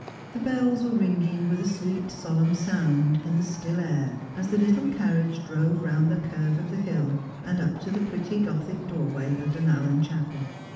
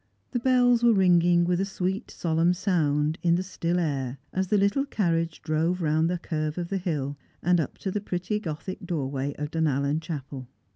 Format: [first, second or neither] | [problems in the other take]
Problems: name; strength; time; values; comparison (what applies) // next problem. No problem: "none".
second | background sound (Wind / Ocean); 15 dB below the speech // room echo; dies away in 0.8 s